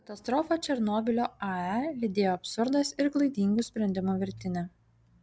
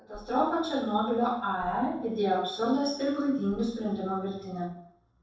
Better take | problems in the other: first | noise reduction (neural separator model SepFormer DNS4)

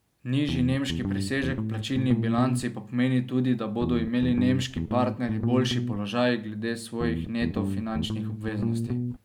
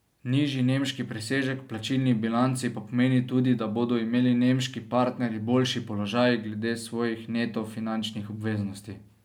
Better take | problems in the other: second | background sound (Guitar); 2 dB below the speech

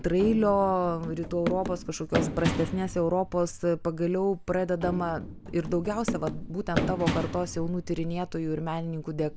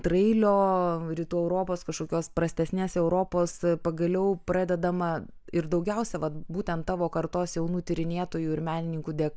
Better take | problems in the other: second | background sound (Run); 7 dB below the speech

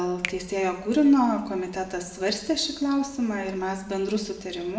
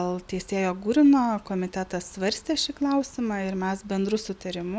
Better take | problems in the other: second | background sound (Finger snapping); 16 dB below the speech // room echo; dies away in 0.9 s

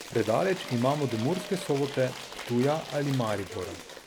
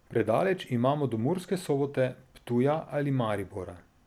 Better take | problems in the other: second | background sound (Applause / Crowd / Cheering); 12 dB below the speech

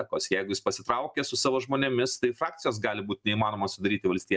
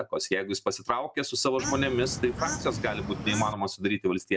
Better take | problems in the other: first | background sound (Bird / Fowl); 6 dB below the speech

